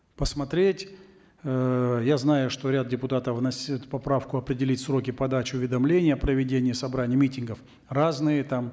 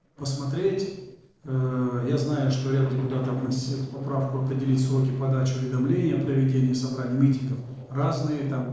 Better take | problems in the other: first | noise reduction (neural separator model SepFormer DNS4)

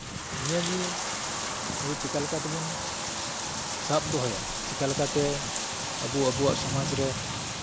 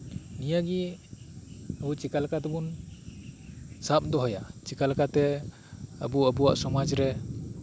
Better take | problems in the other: second | background sound (Bathtub (filling or washing)); 1 dB below the speech

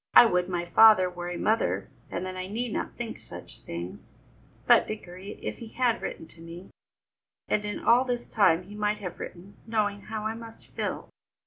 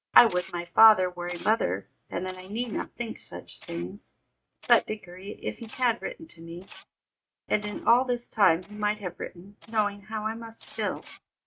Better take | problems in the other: first | noise reduction (neural mask model RNNoise)

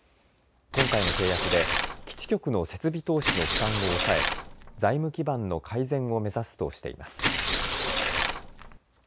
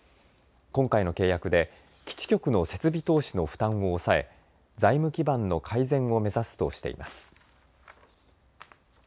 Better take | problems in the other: second | background sound (Tearing); 1 dB above the speech

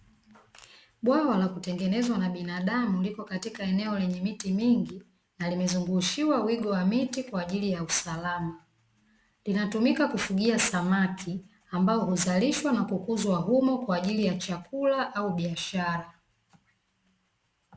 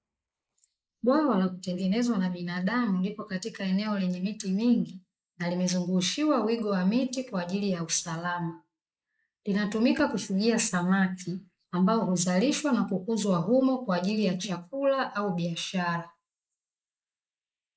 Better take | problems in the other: first | noise reduction (neural mask model Resemble Enhance denoiser)

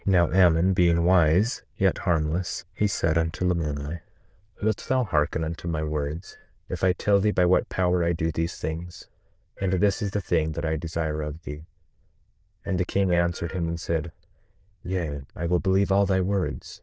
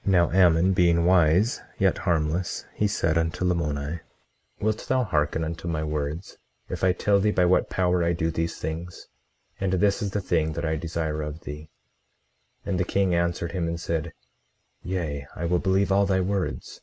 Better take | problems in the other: second | noise reduction (neural diffusion model UNIVERSE++)

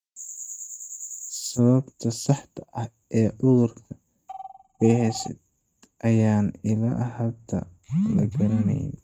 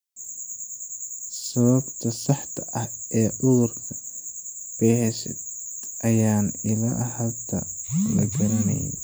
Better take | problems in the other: second | noise reduction (neural mask model RNNoise)

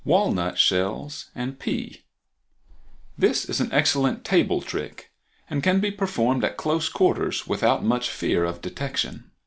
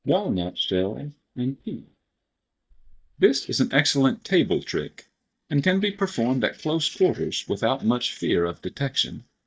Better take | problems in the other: first | noise reduction (neural mask model DeepFilterNet 3)

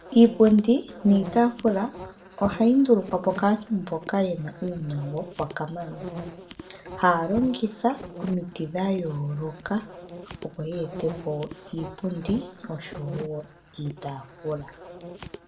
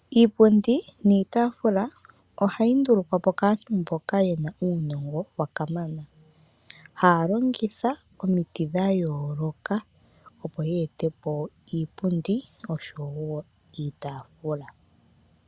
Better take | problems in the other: second | background sound (Insect); 15 dB below the speech // room echo; dies away in 0.4 s

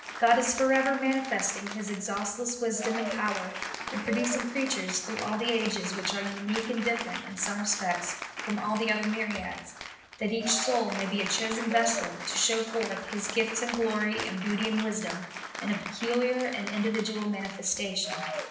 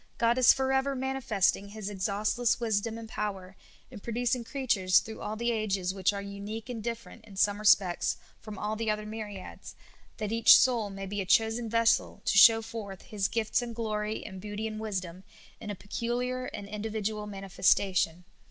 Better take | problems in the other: second | background sound (Applause / Cheering); 8 dB below the speech // room echo; dies away in 0.8 s

